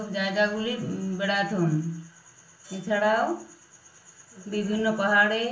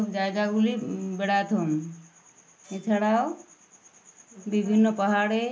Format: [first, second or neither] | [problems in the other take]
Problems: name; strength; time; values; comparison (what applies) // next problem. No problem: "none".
second | room echo; dies away in 0.4 s